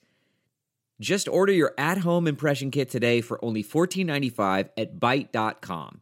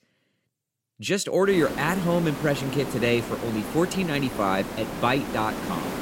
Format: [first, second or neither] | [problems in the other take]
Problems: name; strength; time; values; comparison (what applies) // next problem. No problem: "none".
first | hiss; loud; from 1.5 s on; 8 dB below the speech